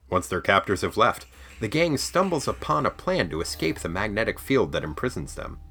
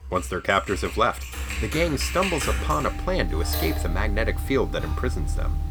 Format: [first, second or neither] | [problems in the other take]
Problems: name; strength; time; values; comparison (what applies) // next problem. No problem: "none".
first | household noises; loud; throughout; 3 dB below the speech; faint in the first